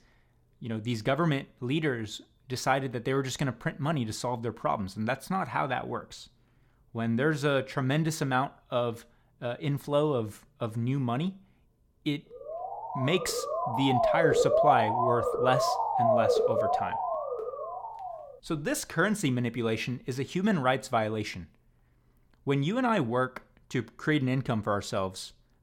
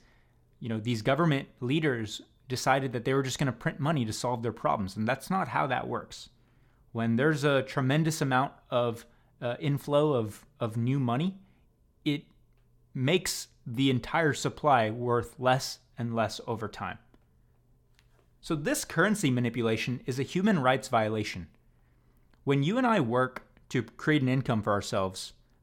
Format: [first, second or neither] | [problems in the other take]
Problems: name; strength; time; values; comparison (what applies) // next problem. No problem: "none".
second | siren; loud; from 12 to 18 s; peak 6 dB above the speech